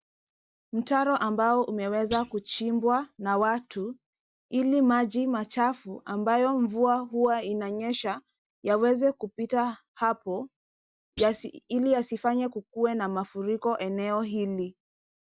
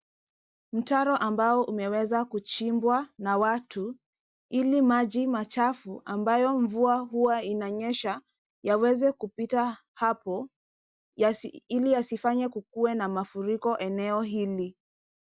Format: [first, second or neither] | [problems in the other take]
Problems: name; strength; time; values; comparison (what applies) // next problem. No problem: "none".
second | background sound (Thump, thud); 19 dB below the speech